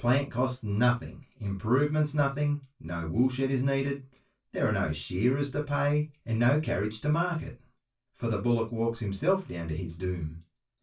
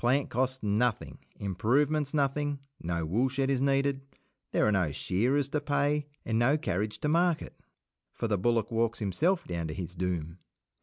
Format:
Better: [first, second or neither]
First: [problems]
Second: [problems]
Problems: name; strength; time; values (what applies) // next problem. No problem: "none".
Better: second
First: room echo; dies away in 0.1 s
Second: none